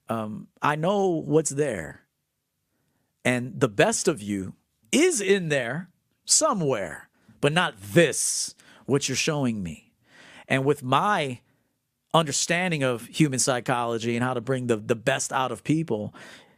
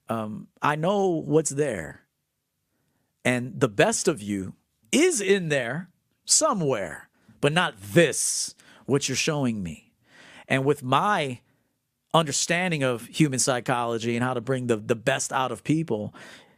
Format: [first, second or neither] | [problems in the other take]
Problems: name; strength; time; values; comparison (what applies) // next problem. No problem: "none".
neither | none